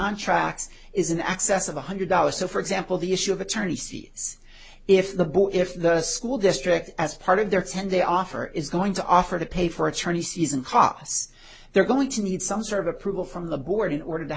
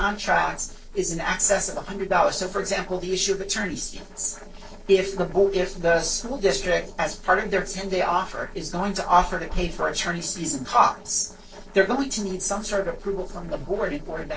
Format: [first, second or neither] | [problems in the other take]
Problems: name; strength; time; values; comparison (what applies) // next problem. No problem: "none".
first | noise reduction (neural separator model SepFormer DNS4)